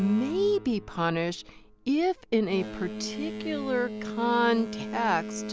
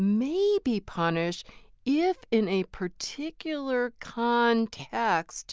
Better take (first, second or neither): second